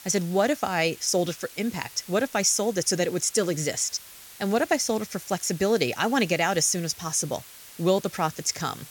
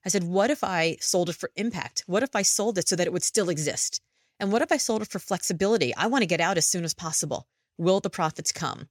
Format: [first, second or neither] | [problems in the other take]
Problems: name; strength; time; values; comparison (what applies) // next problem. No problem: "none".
second | hiss; noticeable; throughout; 20 dB below the speech